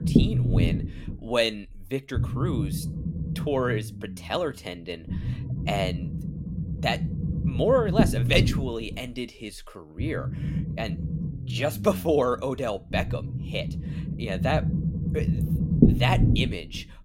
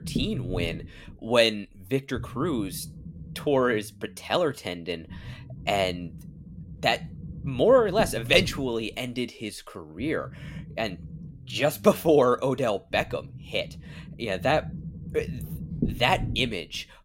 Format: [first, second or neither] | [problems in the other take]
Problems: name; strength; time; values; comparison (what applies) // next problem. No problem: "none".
second | low rumble; loud; throughout; 8 dB below the speech; faint in the second